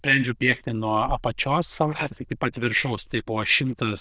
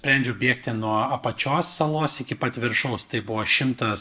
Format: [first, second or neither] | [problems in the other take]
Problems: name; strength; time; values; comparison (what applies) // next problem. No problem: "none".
second | noise reduction (neural diffusion model UNIVERSE++)